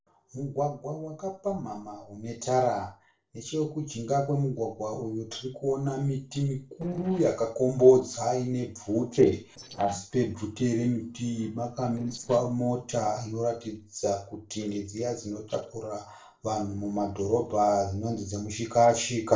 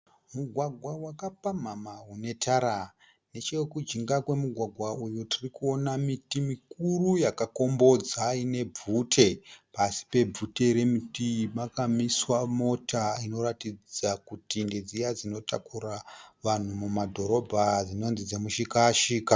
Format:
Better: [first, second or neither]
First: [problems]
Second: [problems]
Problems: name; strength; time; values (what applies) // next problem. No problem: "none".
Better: second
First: noise reduction (neural separator model SepFormer DNS4)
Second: none